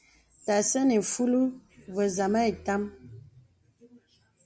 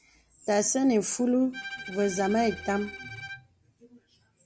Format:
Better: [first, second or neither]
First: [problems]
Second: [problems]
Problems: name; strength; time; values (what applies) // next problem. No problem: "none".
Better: first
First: none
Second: background sound (Bowed string instrument); 14 dB below the speech